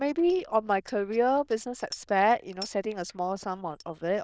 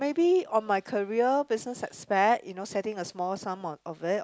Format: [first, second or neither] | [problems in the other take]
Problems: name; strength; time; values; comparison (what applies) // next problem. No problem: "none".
second | noise reduction (neural diffusion model UNIVERSE++)